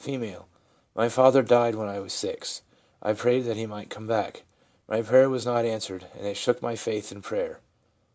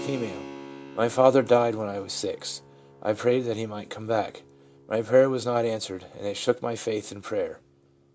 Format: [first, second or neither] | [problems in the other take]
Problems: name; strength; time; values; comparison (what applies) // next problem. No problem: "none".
first | background sound (Keyboard (musical)); 19 dB below the speech